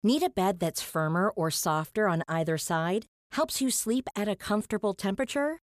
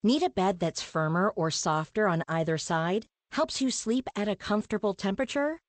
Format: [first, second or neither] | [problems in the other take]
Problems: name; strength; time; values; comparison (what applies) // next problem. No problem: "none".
first | garbled, watery; slightly; nothing above 8 kHz